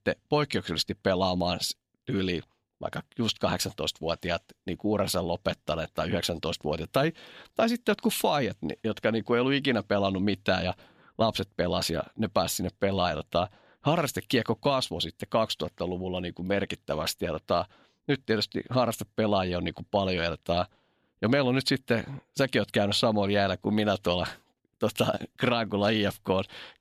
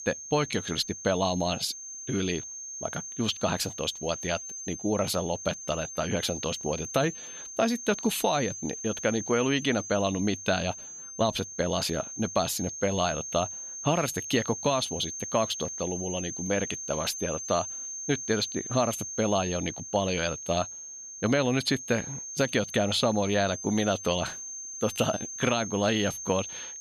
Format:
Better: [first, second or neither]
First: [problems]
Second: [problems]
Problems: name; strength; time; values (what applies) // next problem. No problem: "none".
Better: first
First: none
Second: high-pitched whine; loud; throughout; 6.5 kHz, 7 dB below the speech